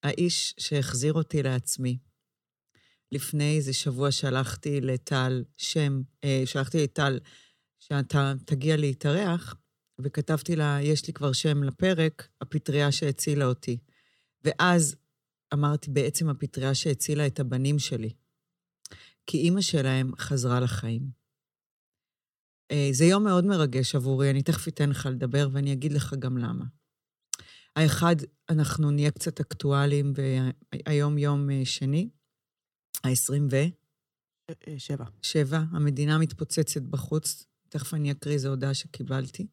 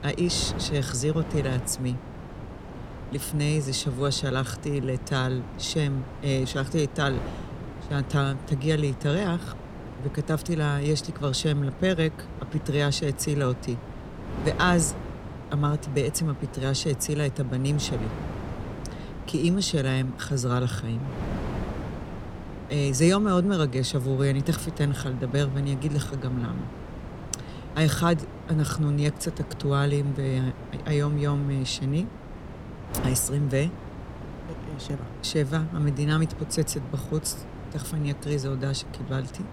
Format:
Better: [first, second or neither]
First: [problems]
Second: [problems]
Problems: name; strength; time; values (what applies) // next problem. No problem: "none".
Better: first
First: none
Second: wind noise on the microphone; occasional gusts; 10 dB below the speech